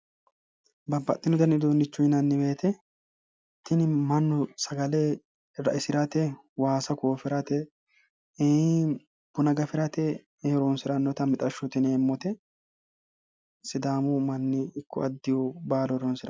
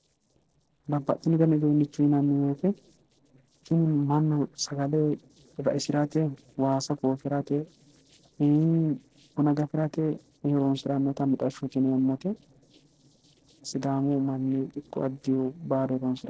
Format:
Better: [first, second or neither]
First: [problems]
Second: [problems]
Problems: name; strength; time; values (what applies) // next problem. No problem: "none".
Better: first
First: none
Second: noise reduction (neural separator model SepFormer DNS4)